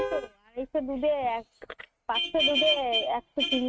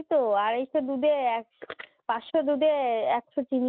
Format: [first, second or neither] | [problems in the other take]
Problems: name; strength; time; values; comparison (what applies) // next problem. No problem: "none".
second | noise reduction (neural mask model RNNoise)